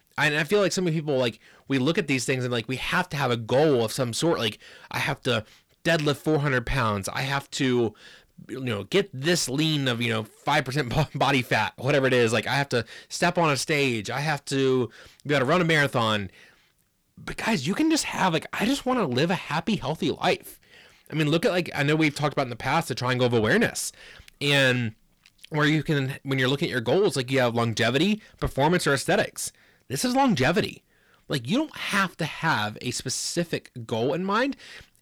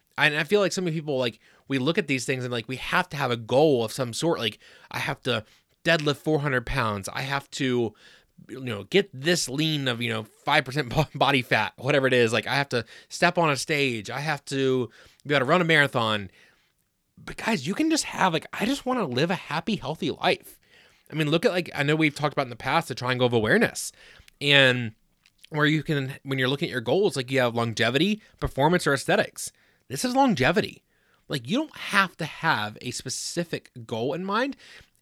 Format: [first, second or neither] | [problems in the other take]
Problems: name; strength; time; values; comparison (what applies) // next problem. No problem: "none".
second | distortion; slight; 10 dB below the speech